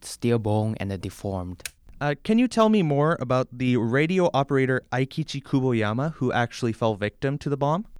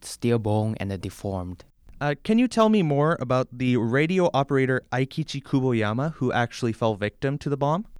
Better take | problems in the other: second | keyboard typing; very faint; at 1.5 s; peak 15 dB below the speech

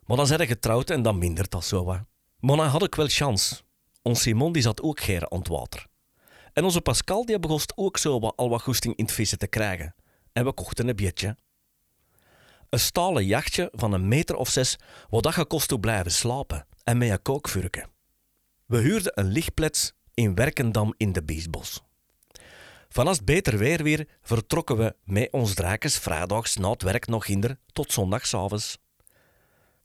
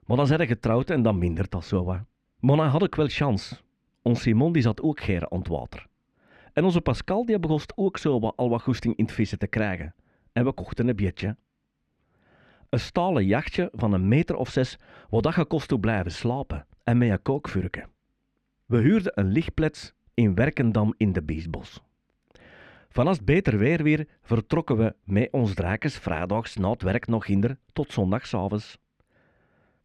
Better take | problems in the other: first | muffled; slightly; fading above 2 kHz

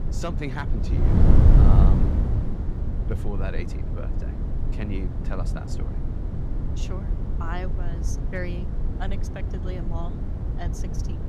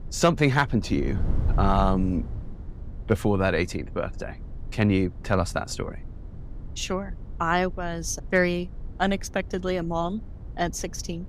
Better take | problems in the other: second | wind noise on the microphone; heavy; as loud as the speech; occasional gusts in the second

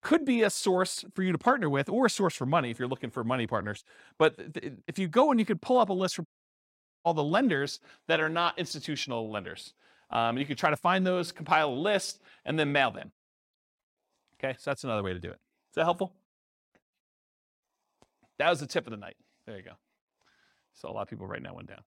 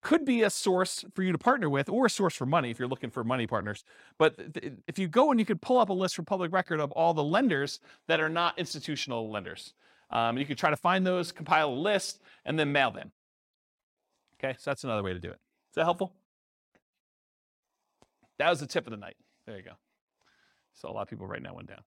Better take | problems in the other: second | audio cutting out; at 6.5 s for 1 s

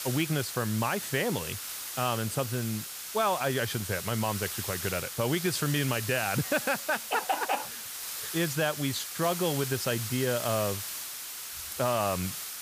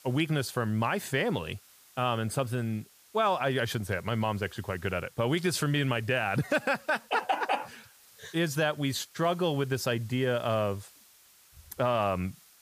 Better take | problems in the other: second | hiss; loud; throughout; 5 dB below the speech; faint in the second

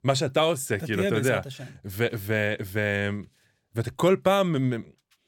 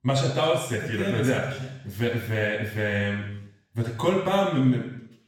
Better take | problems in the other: first | room echo; noticeable; dies away in 0.8 s // off-mic speech; far

